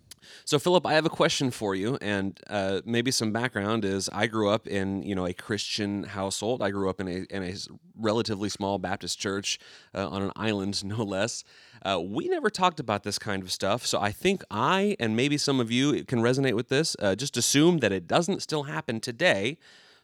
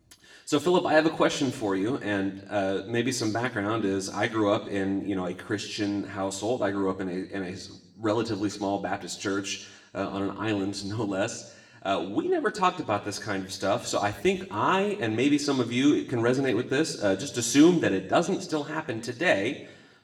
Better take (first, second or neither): first